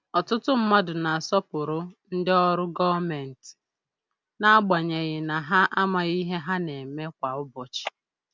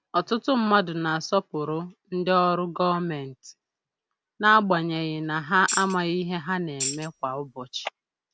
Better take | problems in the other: first | background sound (Tambourine); 8 dB below the speech

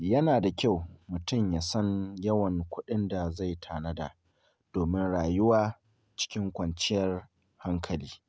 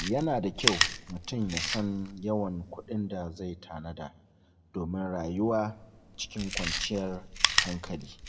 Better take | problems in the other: first | background sound (Chewing, mastication); 2 dB below the speech // room echo; dies away in 1.2 s

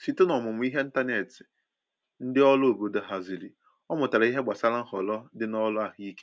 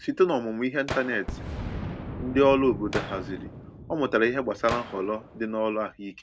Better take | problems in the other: first | background sound (Gunshot, gunfire + Boom); 10 dB below the speech

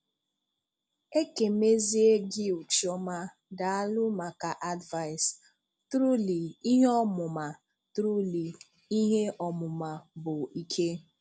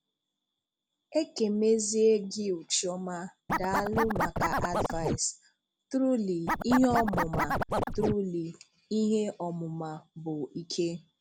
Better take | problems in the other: first | background sound (Scratching (performance technique)); 1 dB above the speech

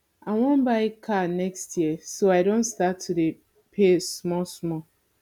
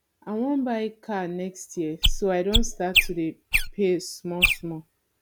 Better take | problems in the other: first | background sound (Chirp, tweet); 3 dB above the speech

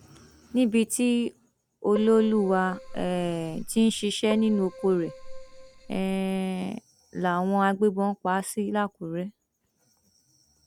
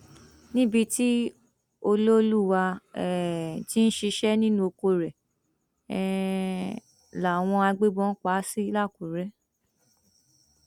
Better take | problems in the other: second | background sound (Keyboard (musical)); 13 dB below the speech

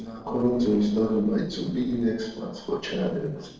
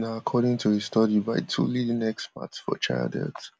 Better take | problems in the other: second | noise reduction (neural separator model SepFormer DNS4)

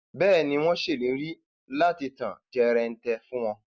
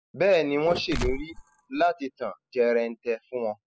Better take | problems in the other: first | noise reduction (classical method spectral subtraction)

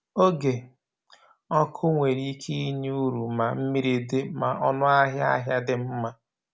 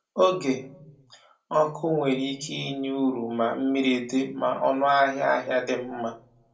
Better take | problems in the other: first | room echo; dies away in 0.2 s

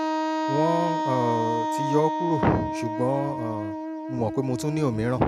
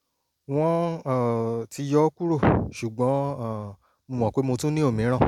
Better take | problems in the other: second | background sound (Wind instrument, woodwind instrument); 2 dB below the speech

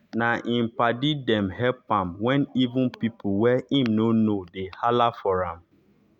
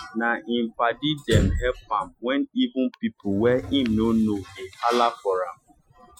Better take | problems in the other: first | noise reduction (classical method Wiener filter)

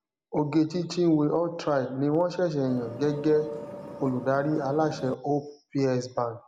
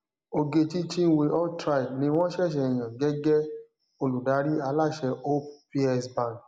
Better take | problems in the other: second | background sound (Vehicle); 13 dB below the speech

